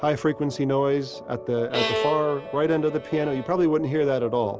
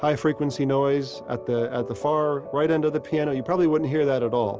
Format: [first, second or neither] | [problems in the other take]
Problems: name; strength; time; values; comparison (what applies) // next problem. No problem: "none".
second | background sound (Bowed string instrument); 8 dB below the speech